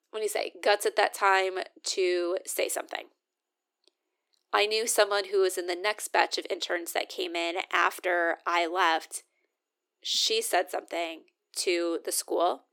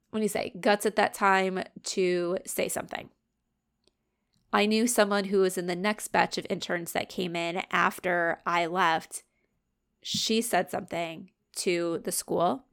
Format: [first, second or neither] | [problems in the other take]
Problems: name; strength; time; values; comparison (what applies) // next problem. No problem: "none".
second | thin; very; fading below 300 Hz